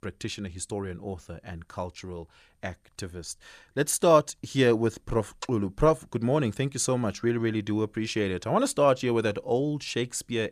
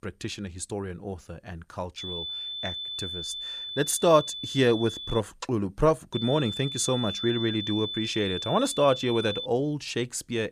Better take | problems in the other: first | high-pitched whine; loud; from 2 to 5 s and from 6 to 9.5 s; 3.5 kHz, 6 dB below the speech

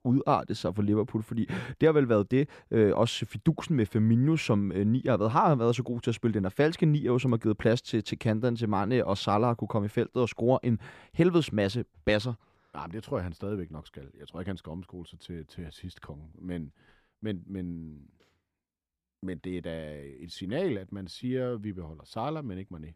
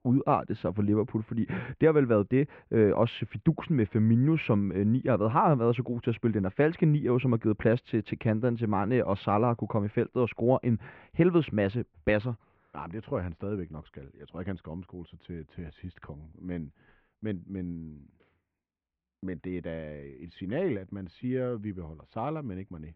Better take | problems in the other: first | muffled; very; fading above 2.5 kHz

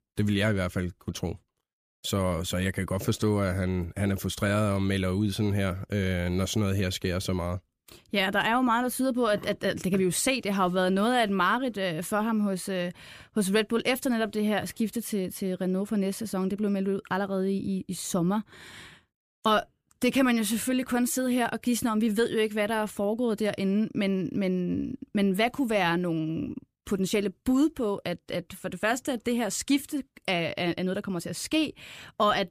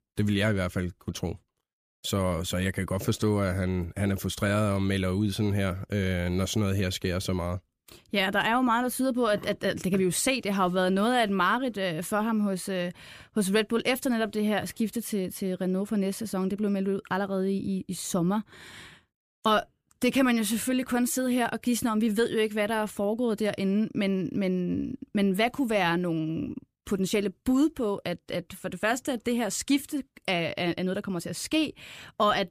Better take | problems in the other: neither | none

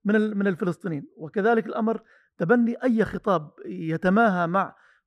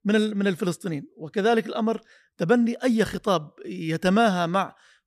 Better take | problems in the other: second | muffled; slightly; fading above 2.5 kHz

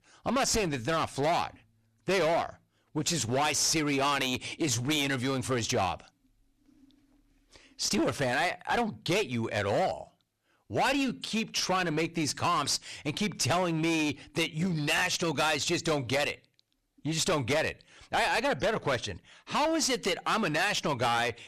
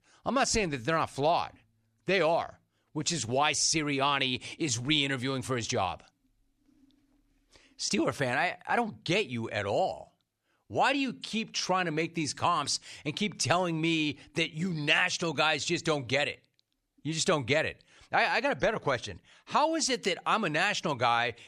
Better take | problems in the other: second | distortion; heavy; 13% of the sound clipped

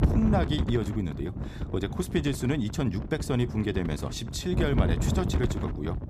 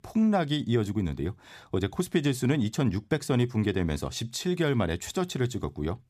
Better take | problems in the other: second | wind noise on the microphone; heavy; 7 dB below the speech

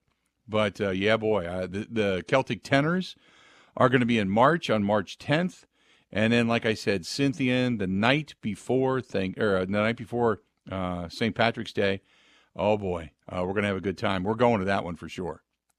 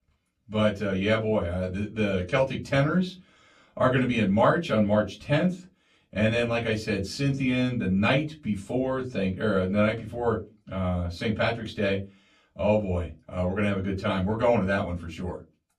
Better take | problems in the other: first | off-mic speech; far // room echo; very slight; dies away in 0.2 s

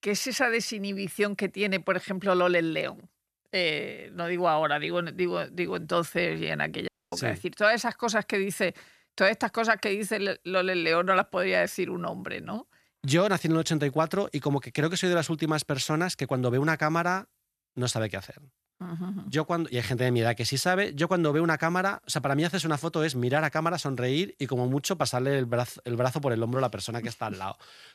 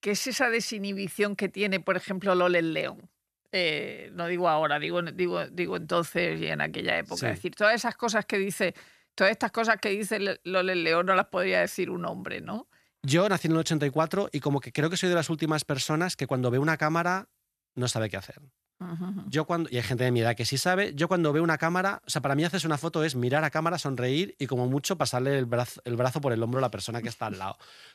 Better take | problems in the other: second | audio cutting out; at 7 s

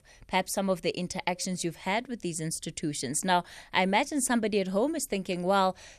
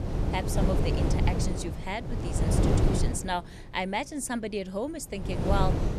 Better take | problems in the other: first | wind noise on the microphone; heavy; 2 dB below the speech

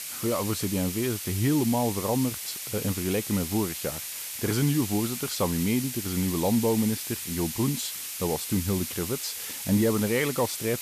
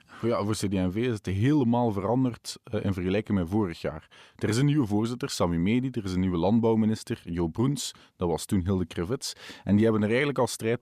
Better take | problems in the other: second | hiss; loud; throughout; 5 dB below the speech

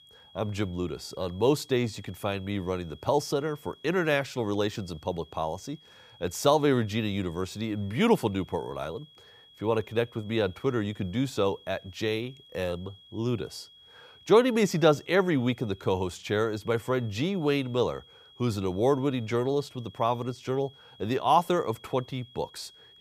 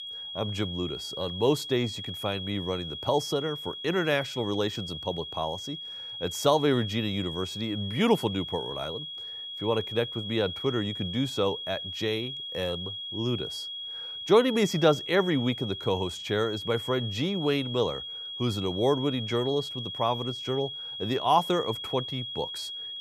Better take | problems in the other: first | high-pitched whine; loud; throughout; 3.5 kHz, 6 dB below the speech; faint in the first

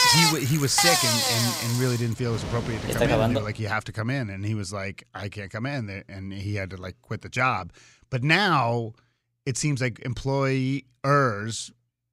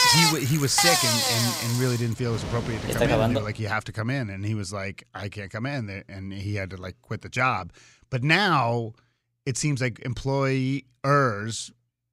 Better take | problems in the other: neither | traffic noise; very loud; until 3.5 s; 3 dB above the speech; the same in both

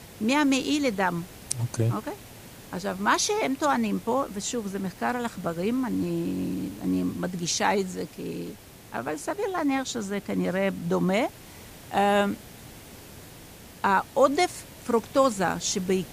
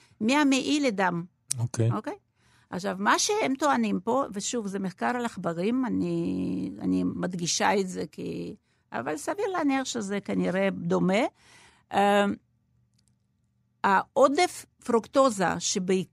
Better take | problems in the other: second | hiss; noticeable; throughout; 20 dB below the speech

